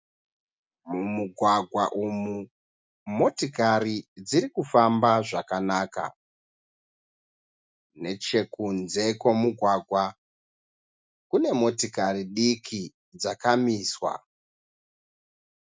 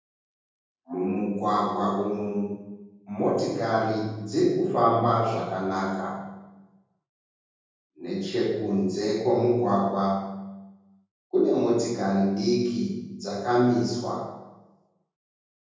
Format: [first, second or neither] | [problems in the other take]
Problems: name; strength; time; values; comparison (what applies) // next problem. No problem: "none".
first | room echo; dies away in 1.3 s